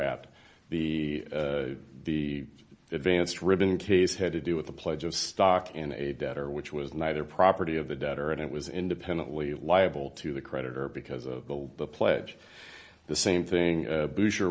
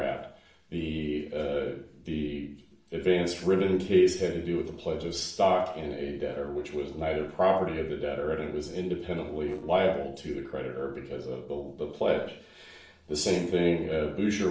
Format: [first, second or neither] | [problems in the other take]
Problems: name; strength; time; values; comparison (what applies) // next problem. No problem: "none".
first | noise reduction (neural separator model SepFormer DNS4)